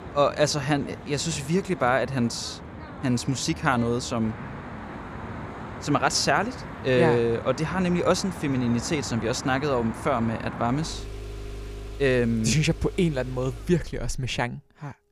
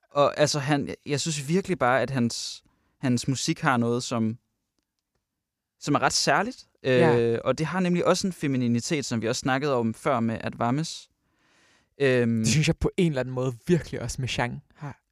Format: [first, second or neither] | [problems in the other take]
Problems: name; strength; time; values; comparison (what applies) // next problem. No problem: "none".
second | traffic noise; noticeable; throughout; 15 dB below the speech